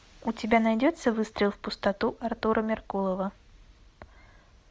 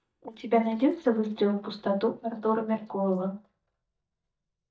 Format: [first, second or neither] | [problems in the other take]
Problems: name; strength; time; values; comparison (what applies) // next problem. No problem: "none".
first | noise reduction (neural mask model DeepFilterNet 3)